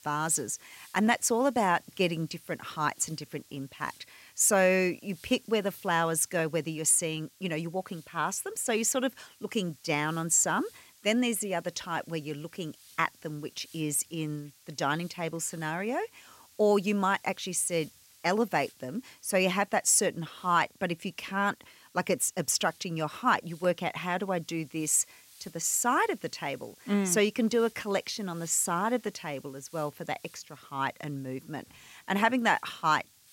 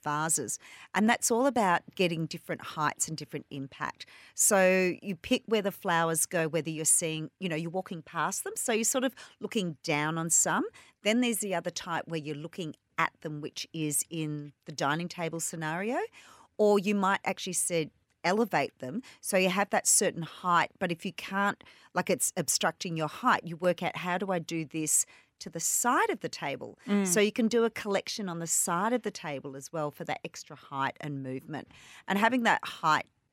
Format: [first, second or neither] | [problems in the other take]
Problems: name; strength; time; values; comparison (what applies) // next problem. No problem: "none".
second | hiss; faint; throughout; 25 dB below the speech